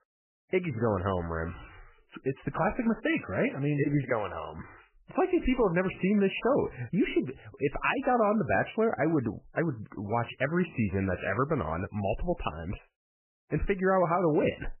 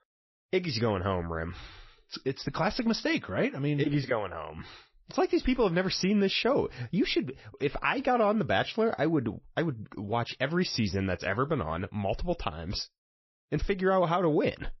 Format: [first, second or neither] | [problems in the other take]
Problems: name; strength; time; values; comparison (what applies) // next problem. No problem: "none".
second | garbled, watery; badly; nothing above 3 kHz; slightly in the second